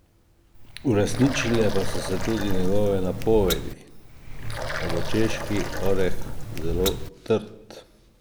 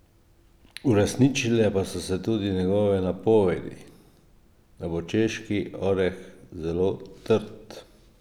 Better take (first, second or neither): second